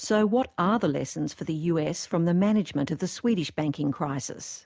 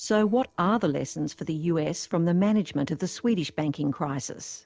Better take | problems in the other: first | noise reduction (neural separator model SepFormer DNS4)

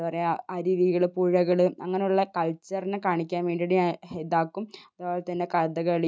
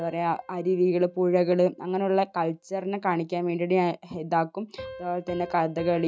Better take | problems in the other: first | background sound (Piano); 20 dB below the speech

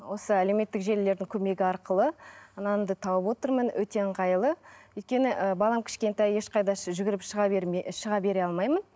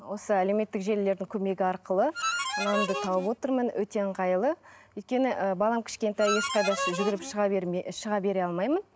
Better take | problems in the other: first | background sound (Harmonica); 3 dB below the speech

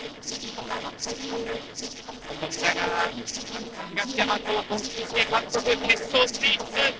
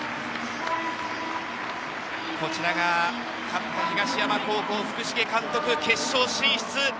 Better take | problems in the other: second | noise reduction (neural separator model SepFormer DNS4)

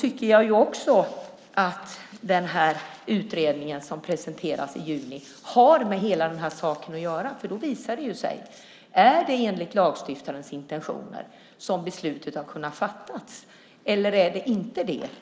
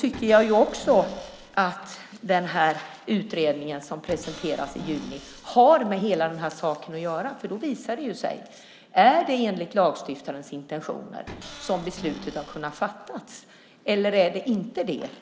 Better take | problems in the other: first | background sound (Cupboard open or close / Door); 16 dB below the speech

